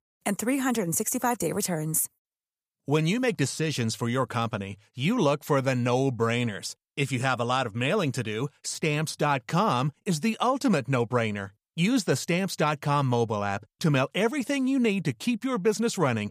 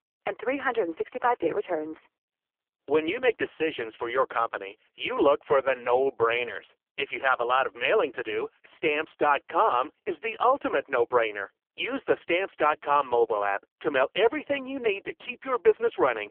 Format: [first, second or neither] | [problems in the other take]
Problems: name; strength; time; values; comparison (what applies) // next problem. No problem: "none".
first | phone-call audio; poor line; nothing above 3 kHz